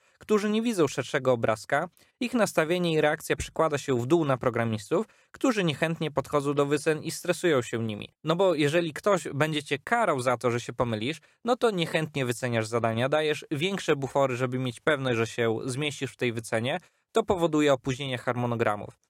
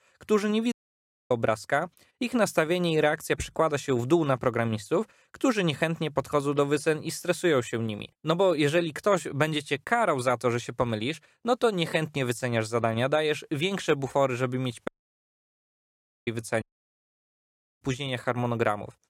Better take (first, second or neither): first